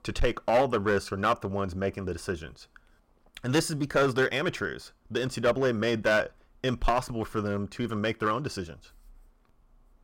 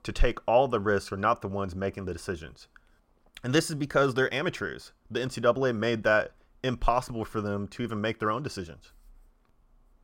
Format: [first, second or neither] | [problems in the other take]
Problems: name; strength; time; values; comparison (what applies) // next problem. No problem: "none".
second | distortion; slight; 3% of the sound clipped